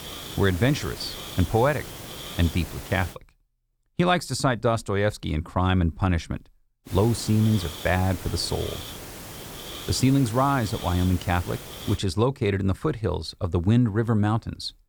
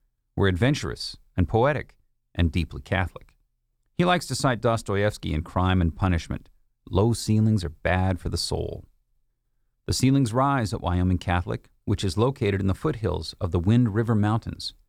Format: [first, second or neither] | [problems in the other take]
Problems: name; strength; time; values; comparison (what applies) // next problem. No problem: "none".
second | hiss; noticeable; until 3 s and from 7 to 12 s; 10 dB below the speech